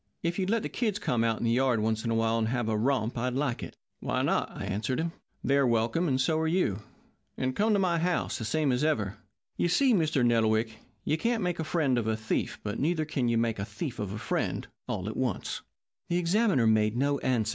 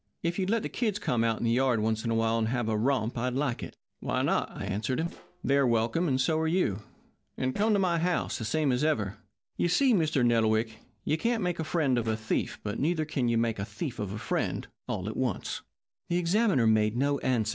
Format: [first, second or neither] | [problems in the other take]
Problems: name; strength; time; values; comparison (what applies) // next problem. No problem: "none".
first | noise reduction (neural separator model SepFormer DNS4)